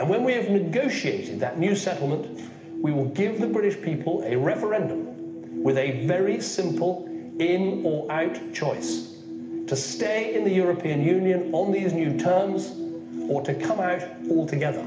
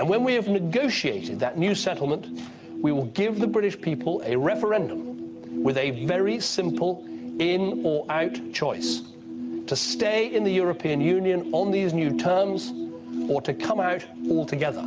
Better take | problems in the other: second | room echo; dies away in 1 s

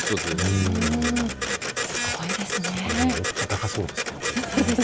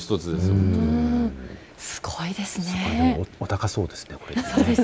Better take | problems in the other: second | background sound (Printer); 3 dB below the speech

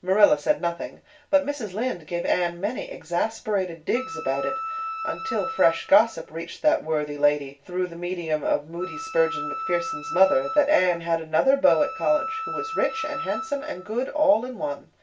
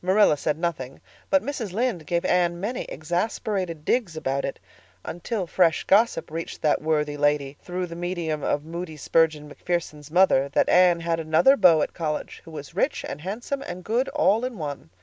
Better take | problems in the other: second | background sound (Wind instrument, woodwind instrument); 8 dB below the speech // room echo; dies away in 0.2 s

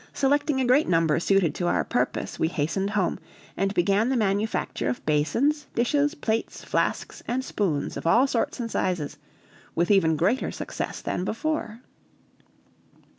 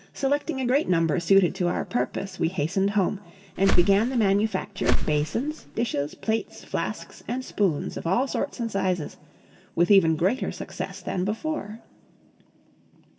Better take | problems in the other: first | background sound (Whoosh, swoosh, swish); 3 dB above the speech // room echo; dies away in 2.3 s

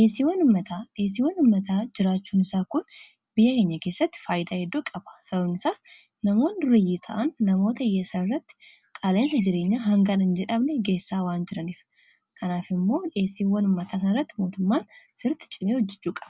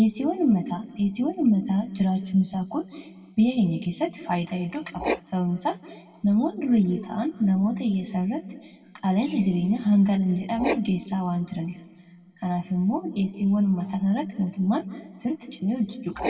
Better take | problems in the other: first | background sound (Writing); 15 dB below the speech // room echo; dies away in 1.6 s

